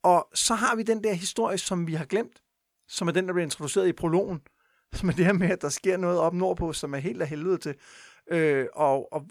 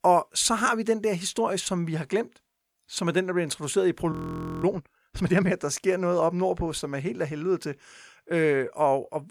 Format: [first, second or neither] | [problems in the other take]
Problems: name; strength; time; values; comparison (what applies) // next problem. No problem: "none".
first | audio freezing; at 4 s for 0.5 s